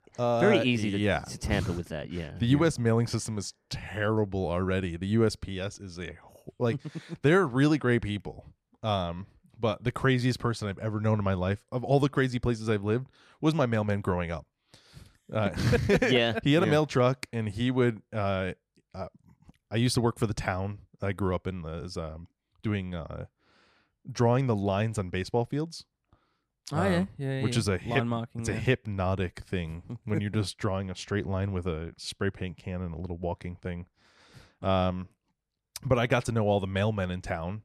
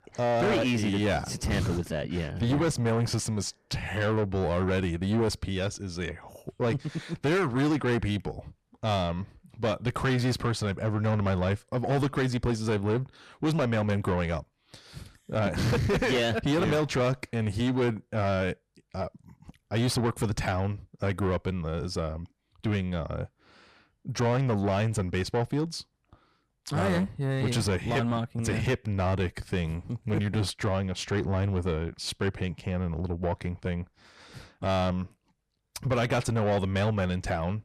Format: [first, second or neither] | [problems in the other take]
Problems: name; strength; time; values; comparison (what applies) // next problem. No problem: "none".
first | distortion; heavy; 7 dB below the speech